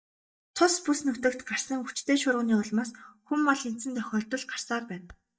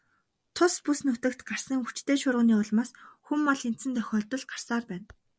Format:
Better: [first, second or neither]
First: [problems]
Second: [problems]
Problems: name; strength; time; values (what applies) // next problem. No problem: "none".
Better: second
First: noise reduction (neural mask model DeepFilterNet 3)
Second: none